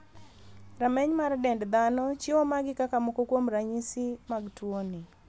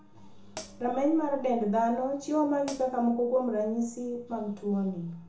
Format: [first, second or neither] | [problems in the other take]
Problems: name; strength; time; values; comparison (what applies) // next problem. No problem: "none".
first | background sound (Hi-hat); 16 dB below the speech // room echo; dies away in 0.6 s